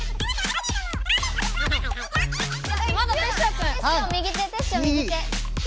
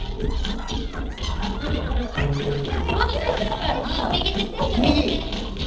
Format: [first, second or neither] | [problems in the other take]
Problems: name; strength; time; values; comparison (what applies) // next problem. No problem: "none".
first | noise reduction (neural separator model SepFormer DNS4)